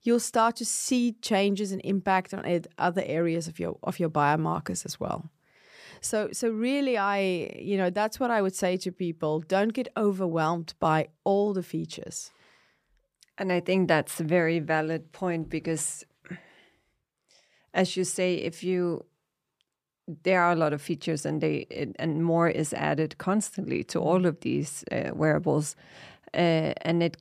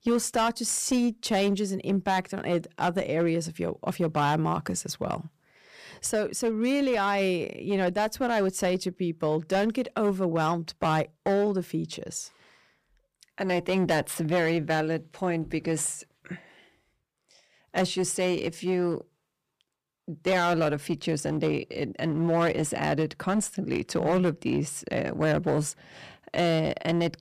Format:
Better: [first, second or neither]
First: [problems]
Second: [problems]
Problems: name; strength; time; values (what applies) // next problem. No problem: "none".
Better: first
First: none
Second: distortion; slight; 8% of the sound clipped